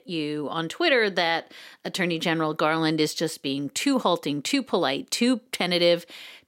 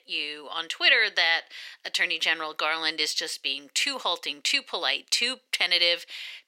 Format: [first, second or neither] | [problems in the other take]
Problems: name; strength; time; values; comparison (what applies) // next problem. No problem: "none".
first | thin; very; fading below 650 Hz